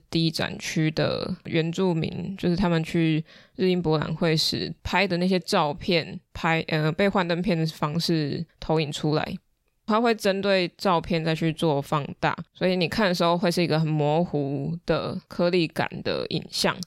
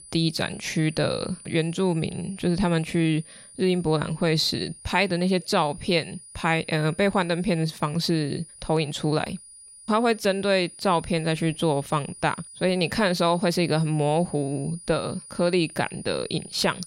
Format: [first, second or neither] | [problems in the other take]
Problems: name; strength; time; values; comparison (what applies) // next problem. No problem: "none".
first | high-pitched whine; noticeable; throughout; 9.5 kHz, 20 dB below the speech